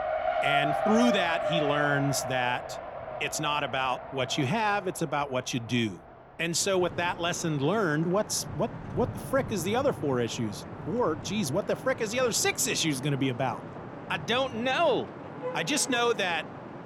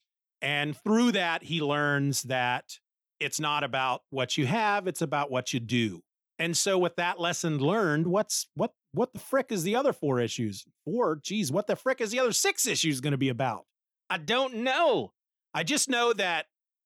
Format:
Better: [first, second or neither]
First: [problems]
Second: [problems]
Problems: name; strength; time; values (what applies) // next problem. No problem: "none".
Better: second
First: traffic noise; loud; throughout; 7 dB below the speech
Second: none